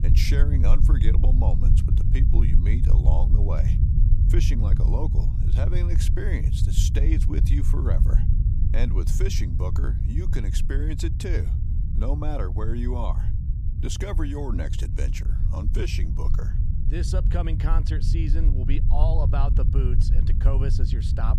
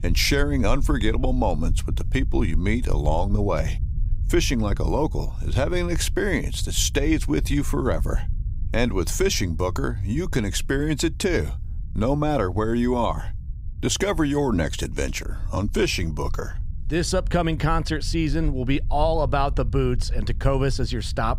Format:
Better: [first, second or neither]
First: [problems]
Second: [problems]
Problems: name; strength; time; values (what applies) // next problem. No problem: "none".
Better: second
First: low rumble; loud; throughout; 4 dB below the speech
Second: low rumble; faint; throughout; 25 dB below the speech